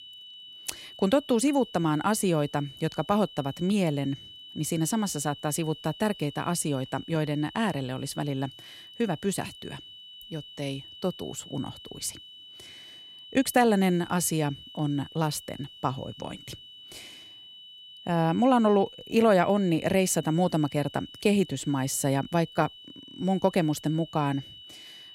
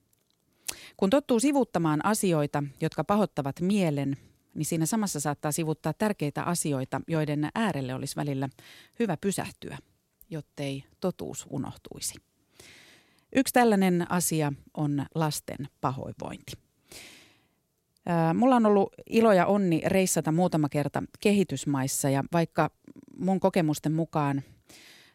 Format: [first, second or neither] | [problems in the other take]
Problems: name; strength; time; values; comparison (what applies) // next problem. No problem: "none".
second | high-pitched whine; noticeable; throughout; 3 kHz, 15 dB below the speech